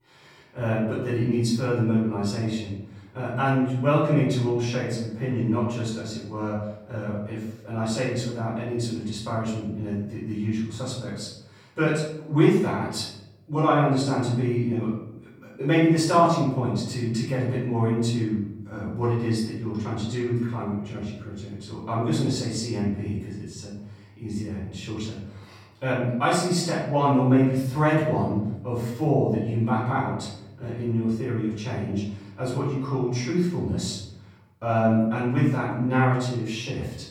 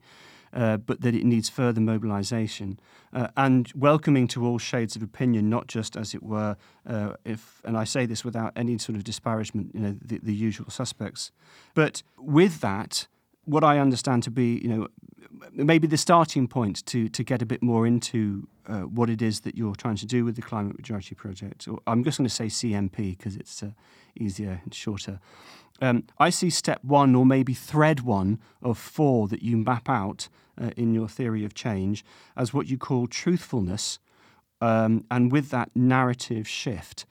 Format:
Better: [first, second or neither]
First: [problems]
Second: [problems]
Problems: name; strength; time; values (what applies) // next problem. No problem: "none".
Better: second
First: off-mic speech; far // room echo; noticeable; dies away in 0.8 s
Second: none